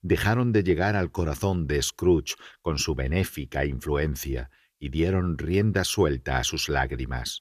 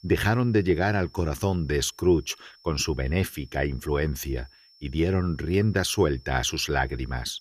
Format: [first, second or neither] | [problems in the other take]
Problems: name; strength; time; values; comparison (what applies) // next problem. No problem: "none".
first | high-pitched whine; faint; throughout; 5.5 kHz, 30 dB below the speech